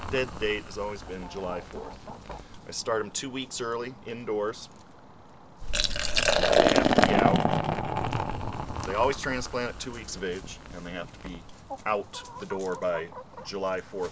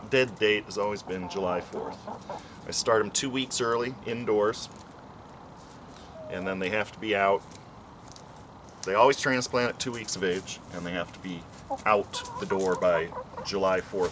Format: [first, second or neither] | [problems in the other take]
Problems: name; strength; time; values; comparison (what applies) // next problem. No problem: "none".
second | background sound (Liquid); 3 dB above the speech